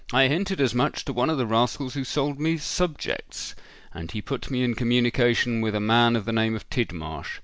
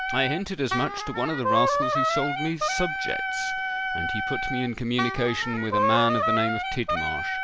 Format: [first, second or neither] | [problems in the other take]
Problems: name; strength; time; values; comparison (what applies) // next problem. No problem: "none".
first | background sound (Wind instrument, woodwind instrument); 2 dB above the speech